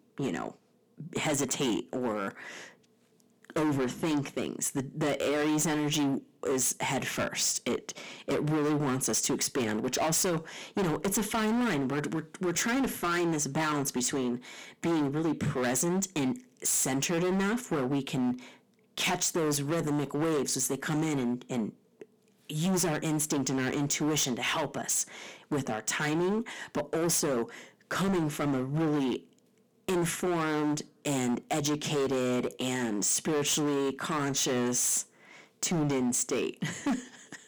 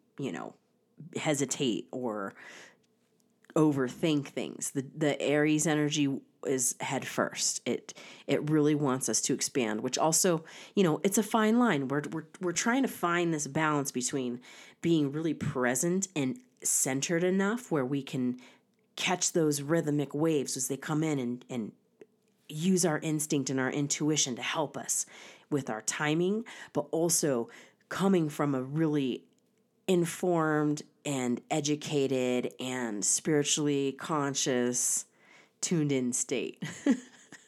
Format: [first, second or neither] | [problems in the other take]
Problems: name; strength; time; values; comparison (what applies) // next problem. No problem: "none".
second | distortion; heavy; 19% of the sound clipped